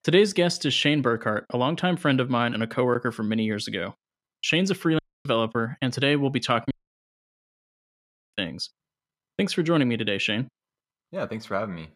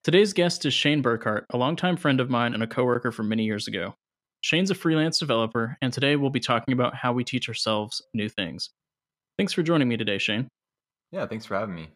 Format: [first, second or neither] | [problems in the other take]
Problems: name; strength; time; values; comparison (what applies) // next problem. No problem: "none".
second | audio cutting out; at 5 s and at 6.5 s for 1.5 s